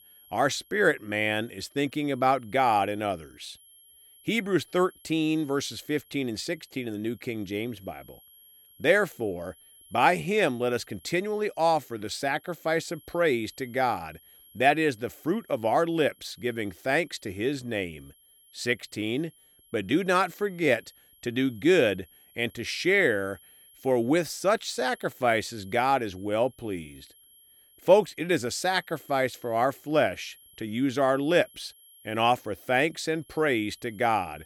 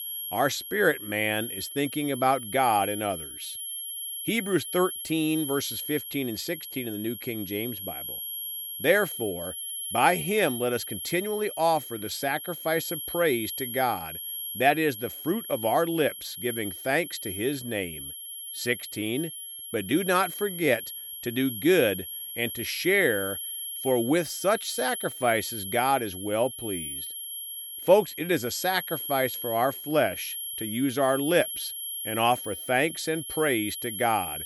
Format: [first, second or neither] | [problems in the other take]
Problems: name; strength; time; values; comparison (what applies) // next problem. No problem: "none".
first | high-pitched whine; loud; throughout; 11.5 kHz, 7 dB below the speech; faint in the first